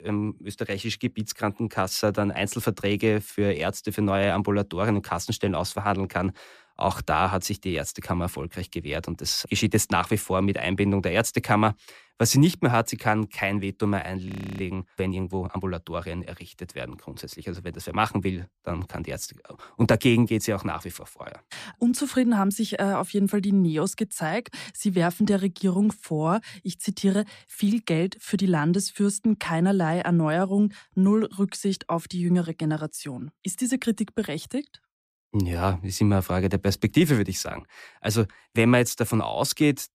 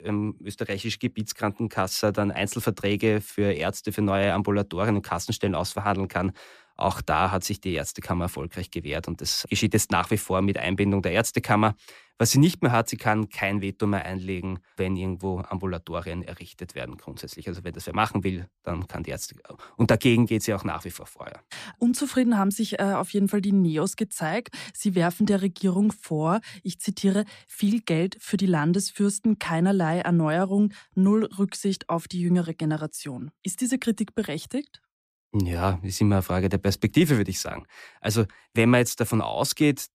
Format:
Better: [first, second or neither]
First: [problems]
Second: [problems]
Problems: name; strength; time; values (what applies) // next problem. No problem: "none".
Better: second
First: audio freezing; at 14 s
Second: none